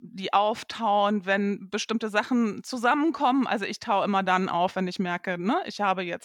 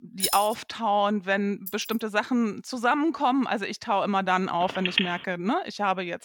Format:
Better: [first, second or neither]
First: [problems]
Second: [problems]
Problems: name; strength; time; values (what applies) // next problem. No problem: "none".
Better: first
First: none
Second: jangling keys; noticeable; at the start; peak 1 dB below the speech // jangling keys; faint; at 1.5 s; peak 15 dB below the speech // phone ringing; loud; at 4.5 s; peak level with the speech